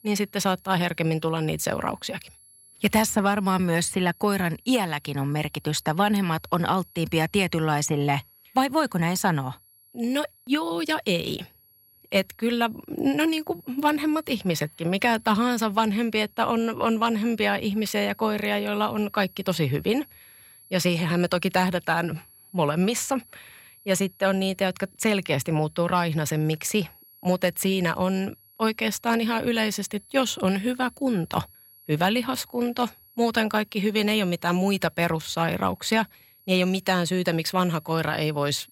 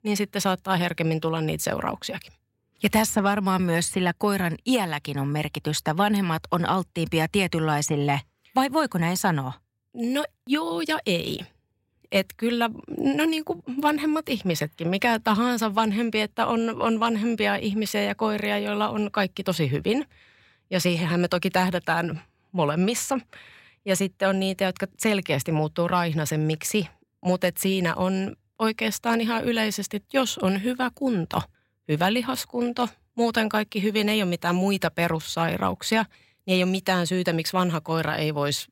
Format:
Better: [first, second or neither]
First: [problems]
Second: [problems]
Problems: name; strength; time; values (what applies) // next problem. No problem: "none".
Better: second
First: high-pitched whine; faint; throughout; 11.5 kHz, 25 dB below the speech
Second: none